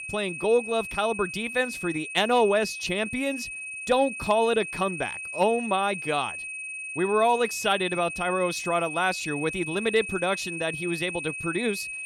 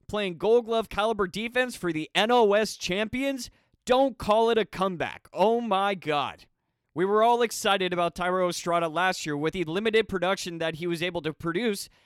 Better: second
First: high-pitched whine; loud; throughout; 2.5 kHz, 7 dB below the speech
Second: none

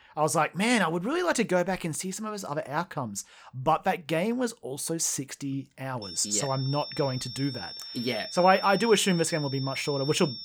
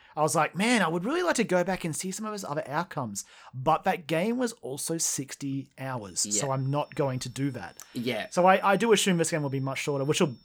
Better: second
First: high-pitched whine; loud; from 6 s on; 5.5 kHz, 9 dB below the speech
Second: high-pitched whine; faint; from 6 s on; 5.5 kHz, 30 dB below the speech

